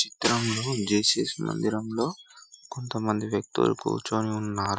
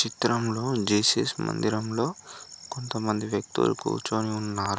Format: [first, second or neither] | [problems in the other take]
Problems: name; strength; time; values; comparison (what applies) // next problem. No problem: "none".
second | noise reduction (classical method Wiener filter)